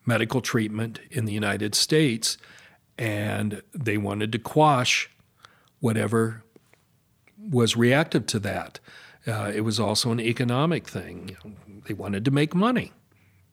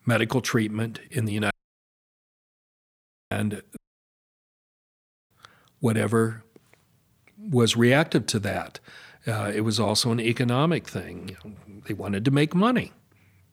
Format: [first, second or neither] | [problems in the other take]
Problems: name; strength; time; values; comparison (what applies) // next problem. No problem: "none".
first | audio cutting out; at 1.5 s for 2 s and at 4 s for 1.5 s